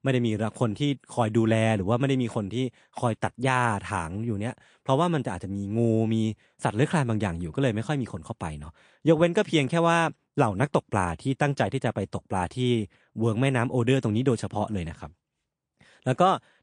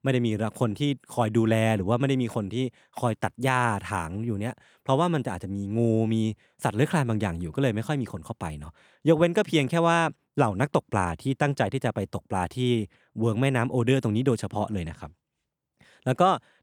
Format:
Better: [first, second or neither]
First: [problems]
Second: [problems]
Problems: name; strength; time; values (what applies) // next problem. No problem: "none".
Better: second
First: garbled, watery; slightly; nothing above 9.5 kHz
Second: none